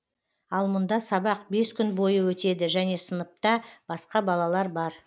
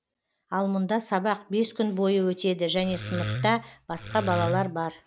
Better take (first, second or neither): first